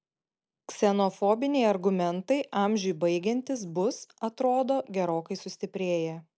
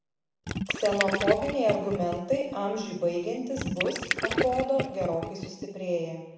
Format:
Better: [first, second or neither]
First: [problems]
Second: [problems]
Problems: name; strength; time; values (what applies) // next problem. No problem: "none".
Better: first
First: none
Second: background sound (Gurgling); 3 dB below the speech // room echo; dies away in 0.8 s